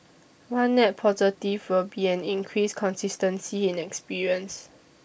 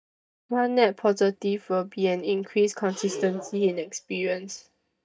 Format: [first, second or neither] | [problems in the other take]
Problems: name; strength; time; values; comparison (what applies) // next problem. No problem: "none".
first | noise reduction (neural mask model DeepFilterNet 3)